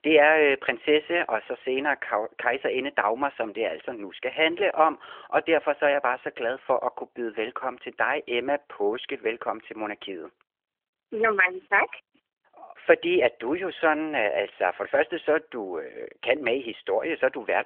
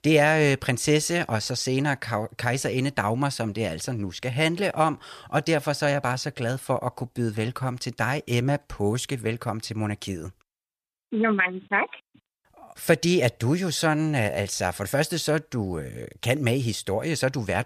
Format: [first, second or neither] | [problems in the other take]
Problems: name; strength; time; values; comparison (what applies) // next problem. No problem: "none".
second | phone-call audio; nothing above 3 kHz